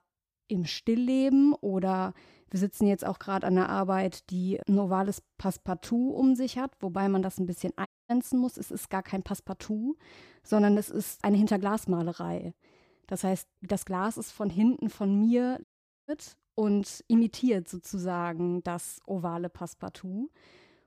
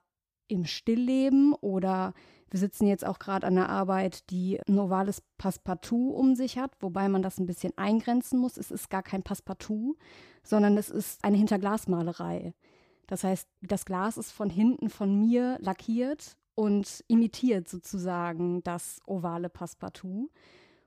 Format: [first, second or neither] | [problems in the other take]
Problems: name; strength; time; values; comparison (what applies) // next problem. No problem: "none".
second | audio cutting out; at 8 s and at 16 s